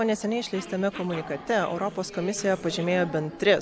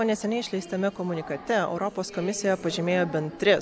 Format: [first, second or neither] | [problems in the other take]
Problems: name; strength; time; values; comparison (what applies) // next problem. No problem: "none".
second | background sound (Growling); 19 dB below the speech